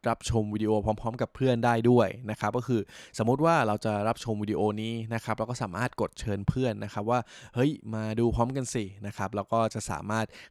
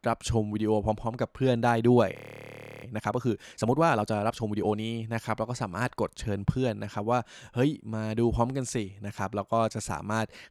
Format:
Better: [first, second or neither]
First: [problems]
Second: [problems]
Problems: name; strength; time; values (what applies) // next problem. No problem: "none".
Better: first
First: none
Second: audio freezing; at 2 s for 0.5 s